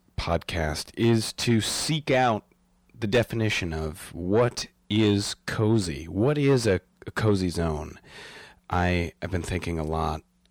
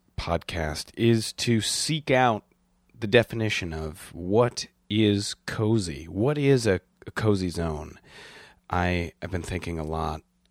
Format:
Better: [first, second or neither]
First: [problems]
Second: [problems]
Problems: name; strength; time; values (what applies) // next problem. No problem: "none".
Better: second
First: distortion; slight; 10 dB below the speech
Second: none